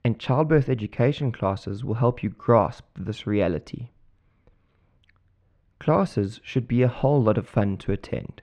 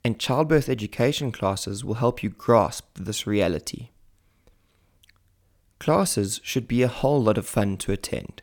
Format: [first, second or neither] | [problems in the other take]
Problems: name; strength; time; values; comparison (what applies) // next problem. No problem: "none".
second | muffled; very; fading above 2.5 kHz